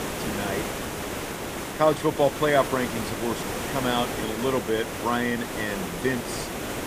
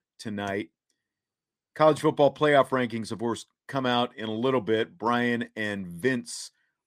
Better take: second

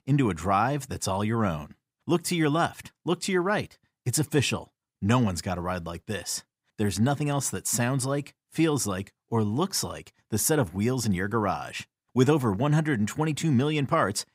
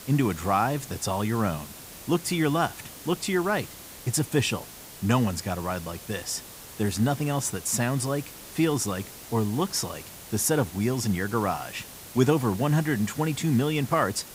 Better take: first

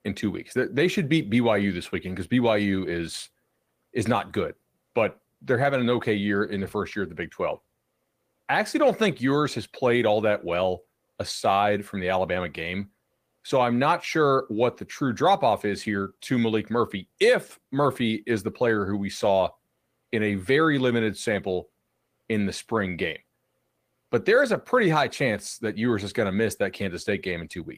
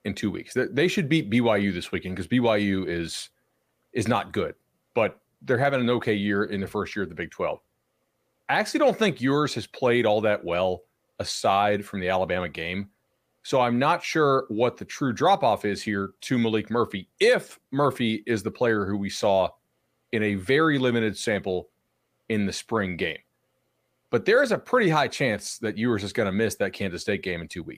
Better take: second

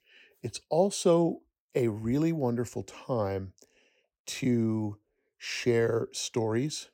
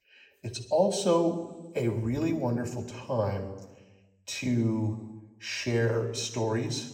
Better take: first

